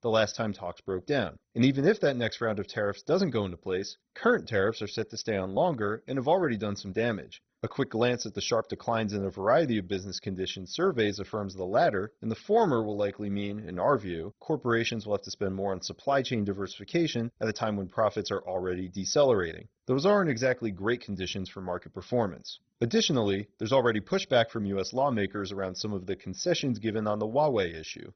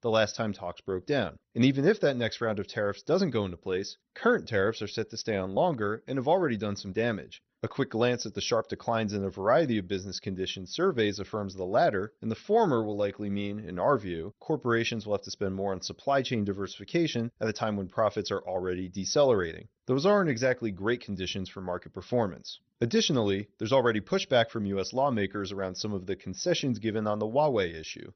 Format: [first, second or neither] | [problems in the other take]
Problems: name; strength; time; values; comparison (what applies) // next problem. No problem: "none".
second | garbled, watery; badly; nothing above 6 kHz; slightly in the second